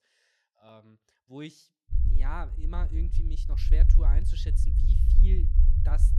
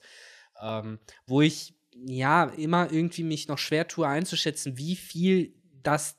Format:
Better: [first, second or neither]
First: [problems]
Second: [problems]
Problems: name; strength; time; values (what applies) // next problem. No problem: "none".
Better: second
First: low rumble; loud; from 2 s on; 3 dB below the speech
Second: none